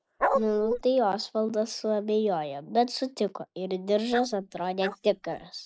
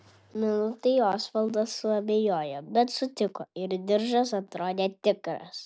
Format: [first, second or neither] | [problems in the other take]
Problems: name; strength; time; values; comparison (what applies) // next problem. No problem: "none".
second | noise reduction (neural mask model Resemble Enhance denoiser)